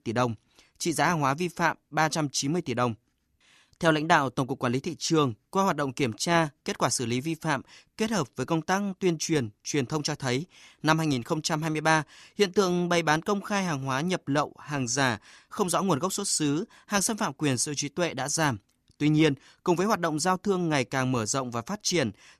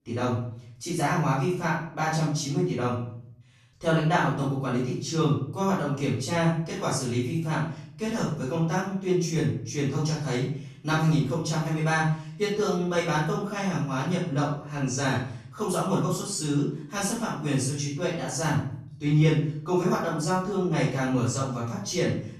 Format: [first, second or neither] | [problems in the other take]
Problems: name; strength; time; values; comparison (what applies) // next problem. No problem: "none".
first | off-mic speech; far // room echo; noticeable; dies away in 0.7 s